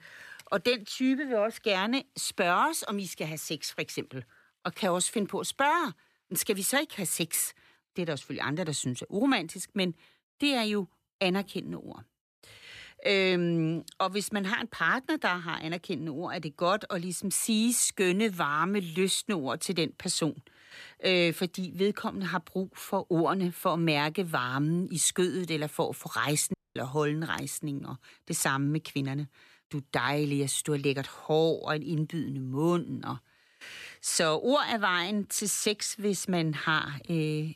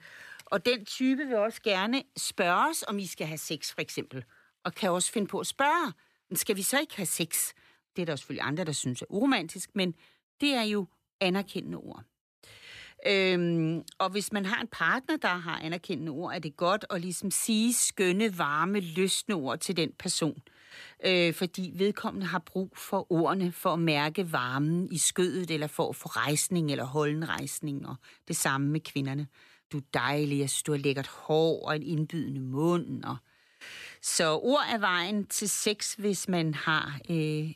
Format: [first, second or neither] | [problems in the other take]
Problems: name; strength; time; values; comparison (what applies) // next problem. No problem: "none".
second | audio cutting out; at 27 s